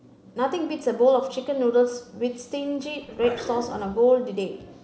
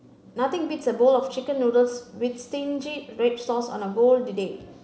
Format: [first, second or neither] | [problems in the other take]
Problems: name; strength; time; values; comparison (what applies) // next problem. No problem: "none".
second | background sound (Growling); 13 dB below the speech